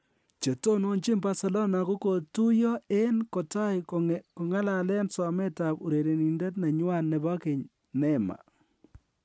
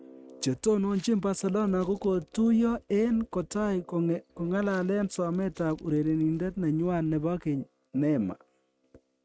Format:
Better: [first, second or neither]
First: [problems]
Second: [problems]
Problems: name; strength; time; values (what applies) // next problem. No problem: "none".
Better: first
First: none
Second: noise reduction (neural mask model RNNoise)